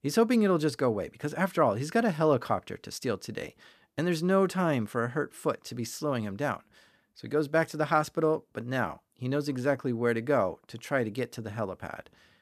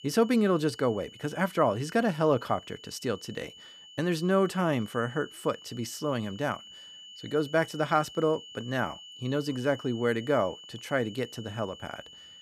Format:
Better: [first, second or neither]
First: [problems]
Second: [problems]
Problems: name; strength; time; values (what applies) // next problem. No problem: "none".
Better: first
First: none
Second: high-pitched whine; noticeable; throughout; 3 kHz, 15 dB below the speech